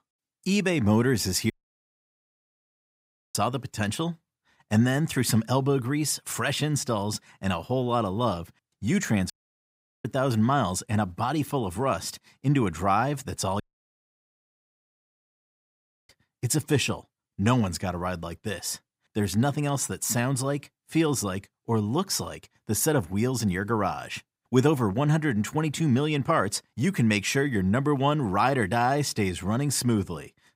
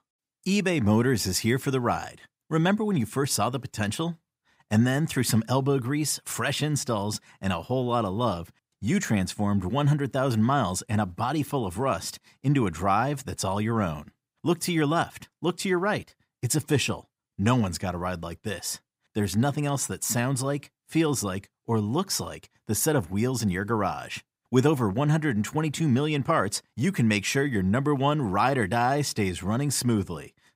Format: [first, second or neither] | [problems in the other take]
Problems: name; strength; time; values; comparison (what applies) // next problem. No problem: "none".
second | audio cutting out; at 1.5 s for 2 s, at 9.5 s for 0.5 s and at 14 s for 2.5 s